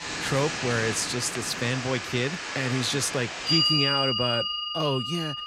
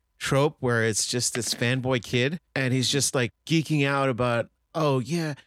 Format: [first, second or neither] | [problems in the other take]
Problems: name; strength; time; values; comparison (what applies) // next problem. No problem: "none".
second | household noises; very loud; throughout; 1 dB above the speech